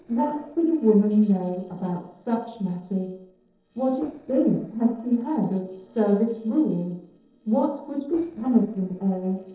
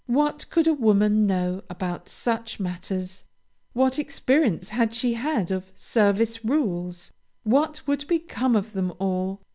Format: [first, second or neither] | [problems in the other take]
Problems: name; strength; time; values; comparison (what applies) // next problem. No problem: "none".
second | noise reduction (neural separator model SepFormer DNS4)